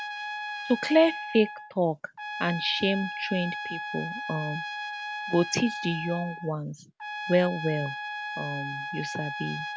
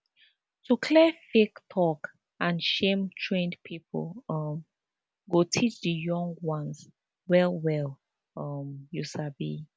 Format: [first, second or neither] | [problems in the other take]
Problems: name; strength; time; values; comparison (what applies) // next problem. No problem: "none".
second | background sound (Trumpet); 7 dB below the speech